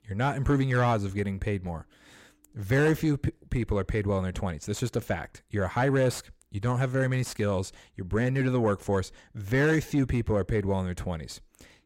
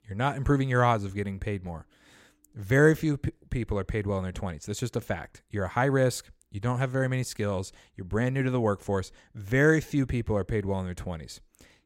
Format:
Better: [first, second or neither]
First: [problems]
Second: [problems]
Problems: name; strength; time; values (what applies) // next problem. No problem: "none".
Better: second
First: distortion; slight; 10 dB below the speech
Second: none